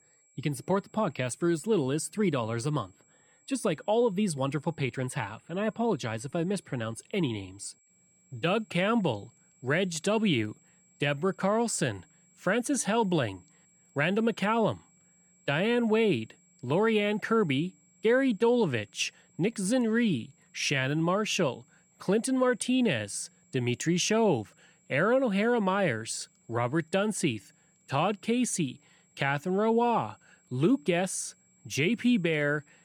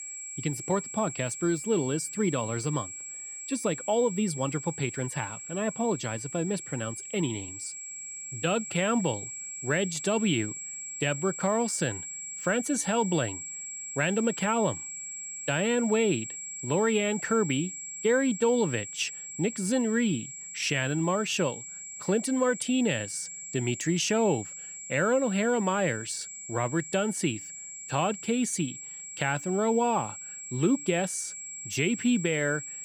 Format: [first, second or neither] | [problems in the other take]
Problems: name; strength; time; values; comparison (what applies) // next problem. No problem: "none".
first | high-pitched whine; loud; throughout; 7.5 kHz, 8 dB below the speech; faint in the first